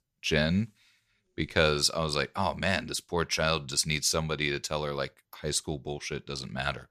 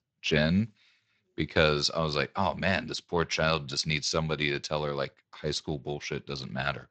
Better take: first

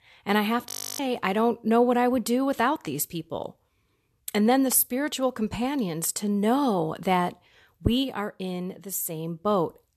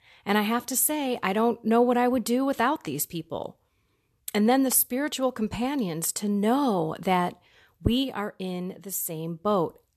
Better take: second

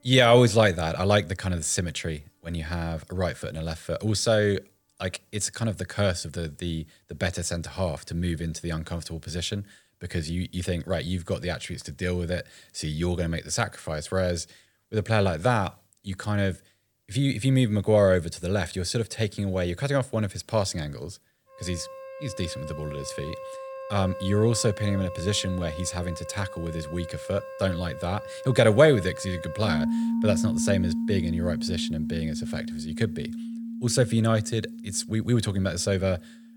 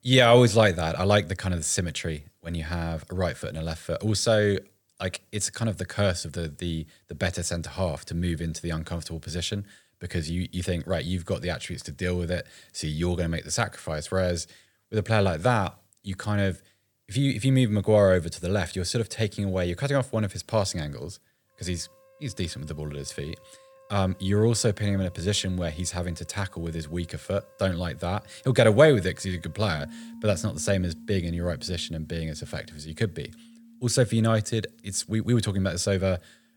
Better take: second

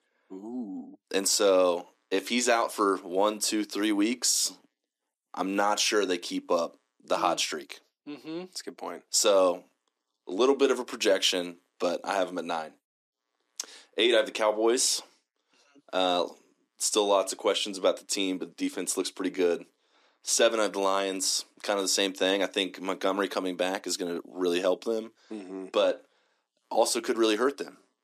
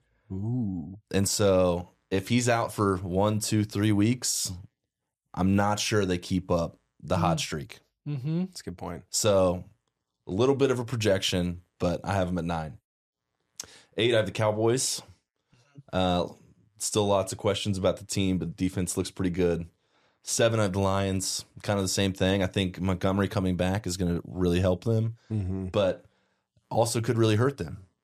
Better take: second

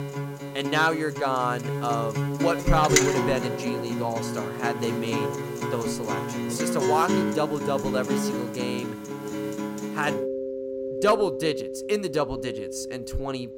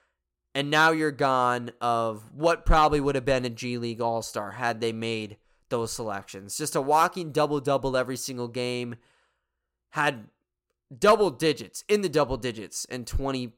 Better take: second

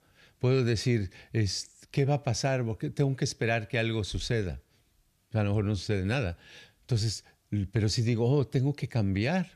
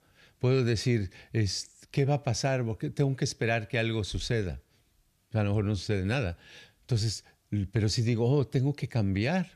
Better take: neither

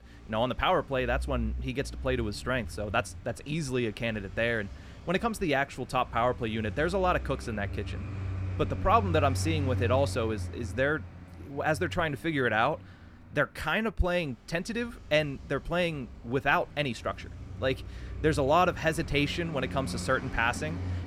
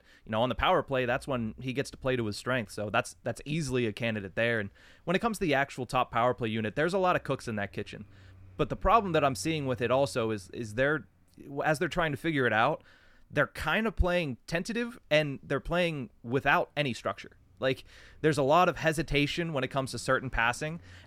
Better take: second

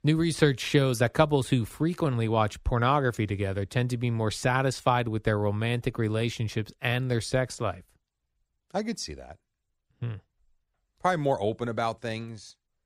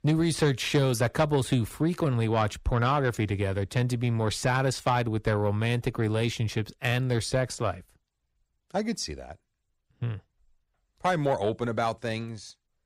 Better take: first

